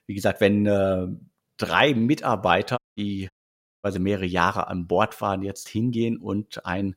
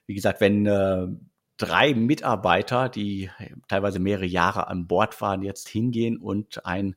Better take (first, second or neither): second